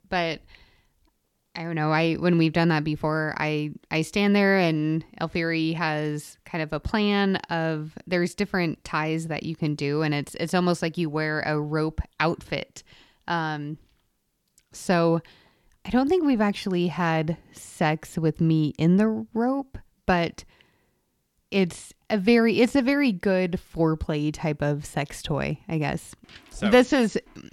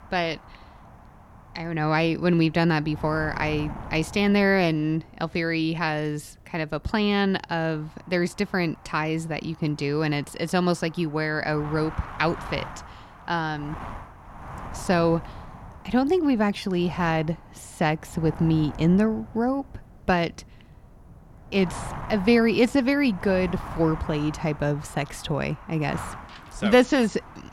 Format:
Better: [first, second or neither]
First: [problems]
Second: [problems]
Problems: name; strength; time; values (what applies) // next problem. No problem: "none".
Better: first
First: none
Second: wind noise on the microphone; occasional gusts; 15 dB below the speech